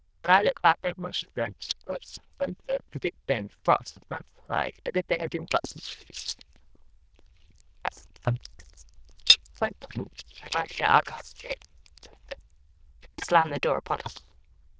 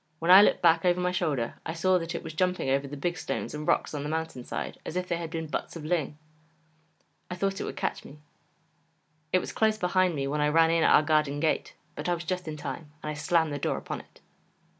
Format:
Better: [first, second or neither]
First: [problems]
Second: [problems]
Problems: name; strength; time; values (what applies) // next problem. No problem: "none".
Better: second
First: noise reduction (neural diffusion model UNIVERSE++)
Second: none